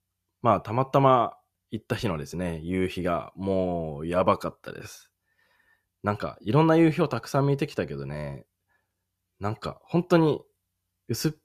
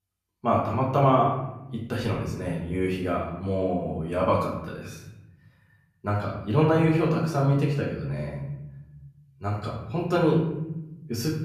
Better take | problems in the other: first | off-mic speech; far // room echo; noticeable; dies away in 1.2 s

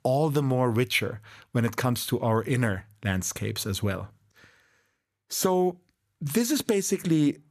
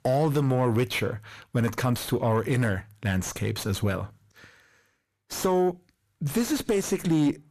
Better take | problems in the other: first | distortion; slight; 10 dB below the speech

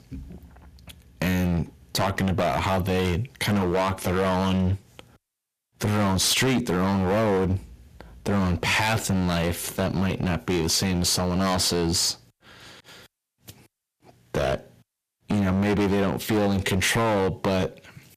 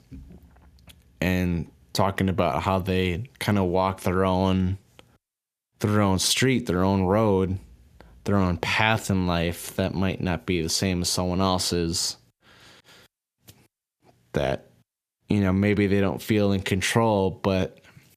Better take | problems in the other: second | distortion; heavy; 14% of the sound clipped

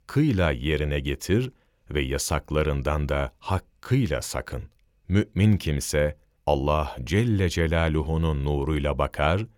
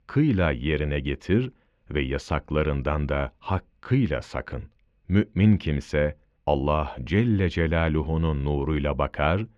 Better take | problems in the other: first | muffled; slightly; fading above 2.5 kHz

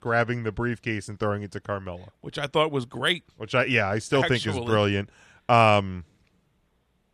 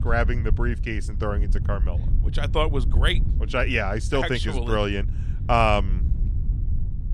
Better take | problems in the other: first | wind noise on the microphone; occasional gusts; 20 dB below the speech

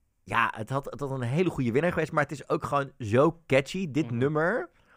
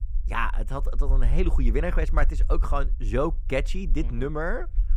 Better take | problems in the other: first | low rumble; faint; throughout; 20 dB below the speech

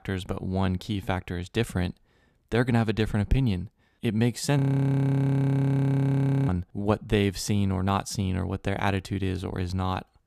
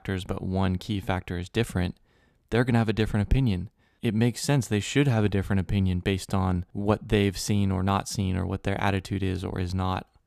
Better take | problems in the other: second | audio freezing; at 4.5 s for 2 s

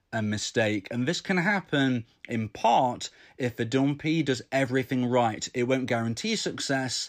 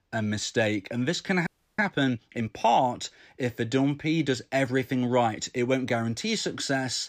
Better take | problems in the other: first | audio freezing; at 1.5 s

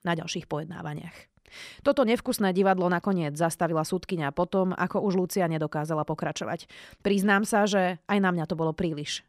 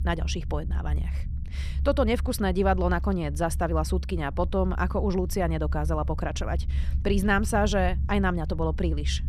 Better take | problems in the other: first | low rumble; faint; throughout; 20 dB below the speech

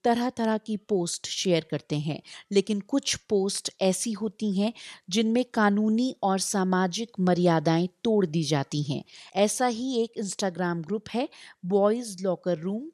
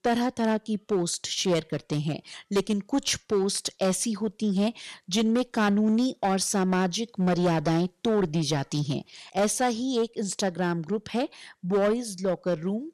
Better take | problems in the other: first | distortion; slight; 7% of the sound clipped

